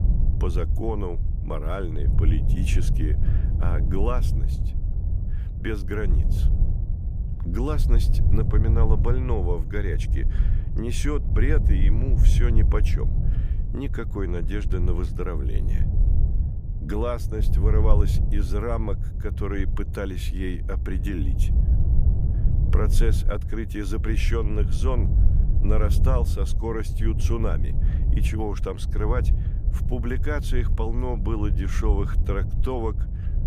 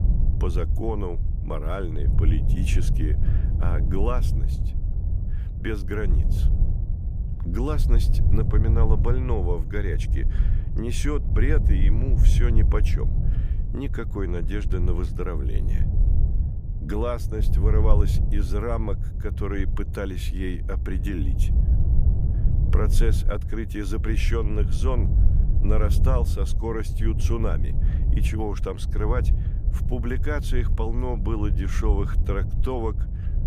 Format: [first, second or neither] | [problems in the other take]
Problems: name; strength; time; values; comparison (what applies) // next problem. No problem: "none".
neither | wind noise on the microphone; heavy; 8 dB below the speech; the same in both